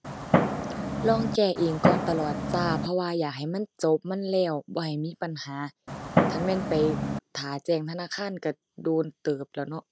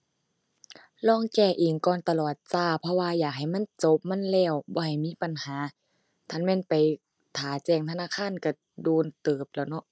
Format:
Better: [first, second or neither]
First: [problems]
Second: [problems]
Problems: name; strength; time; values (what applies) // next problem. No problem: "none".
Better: second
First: background sound (Fireworks); 2 dB above the speech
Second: none